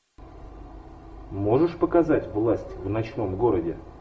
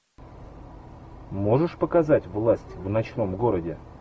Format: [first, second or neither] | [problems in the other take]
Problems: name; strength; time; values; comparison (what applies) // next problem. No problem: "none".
second | room echo; dies away in 0.6 s